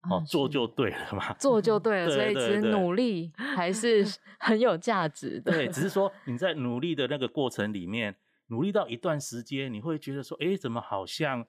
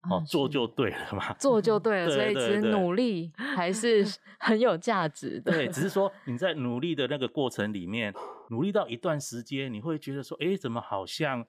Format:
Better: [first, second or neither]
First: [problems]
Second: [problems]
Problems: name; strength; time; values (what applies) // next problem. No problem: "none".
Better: first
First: none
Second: dog barking; faint; at 8 s; peak 15 dB below the speech